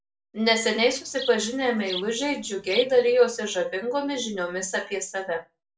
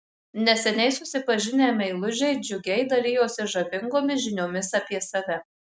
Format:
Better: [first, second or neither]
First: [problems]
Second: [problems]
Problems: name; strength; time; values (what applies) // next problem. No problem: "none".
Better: second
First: background sound (Insect); 14 dB below the speech // room echo; dies away in 0.2 s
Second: none